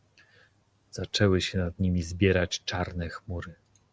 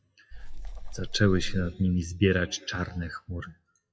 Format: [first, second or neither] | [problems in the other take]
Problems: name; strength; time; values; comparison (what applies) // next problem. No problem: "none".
first | noise reduction (classical method WPE with log-MMSE)